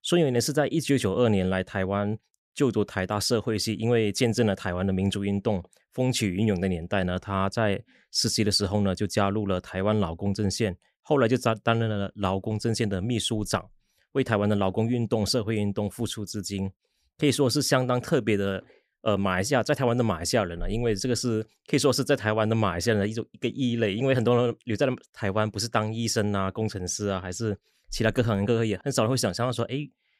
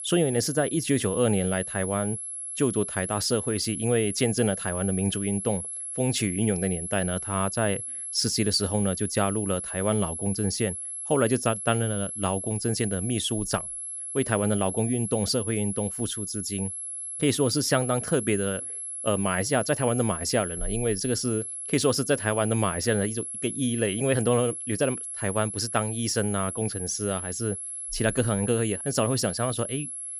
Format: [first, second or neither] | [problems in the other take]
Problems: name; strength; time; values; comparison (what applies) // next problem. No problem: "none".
first | high-pitched whine; loud; throughout; 11 kHz, 5 dB below the speech